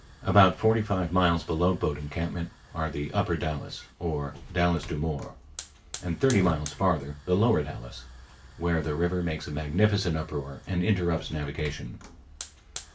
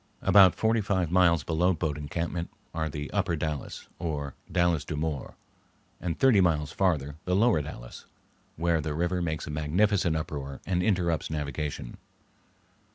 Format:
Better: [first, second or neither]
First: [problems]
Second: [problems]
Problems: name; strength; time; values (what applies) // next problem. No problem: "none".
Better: second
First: background sound (Hiss / Fire); 17 dB below the speech // room echo; dies away in 0.2 s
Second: none